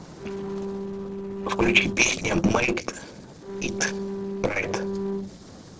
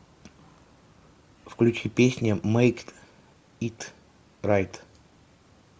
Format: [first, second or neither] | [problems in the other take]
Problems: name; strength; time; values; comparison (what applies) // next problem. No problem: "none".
second | noise reduction (neural separator model SepFormer DNS4)